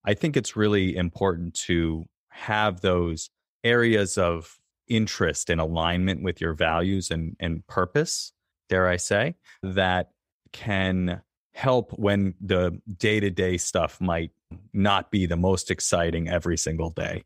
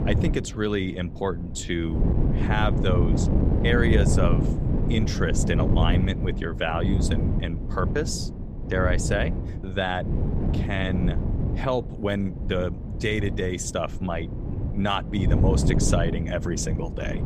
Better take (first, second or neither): first